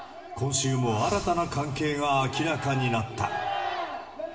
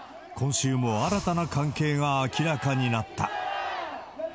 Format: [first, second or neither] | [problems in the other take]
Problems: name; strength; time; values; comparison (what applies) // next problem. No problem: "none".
second | room echo; dies away in 0.8 s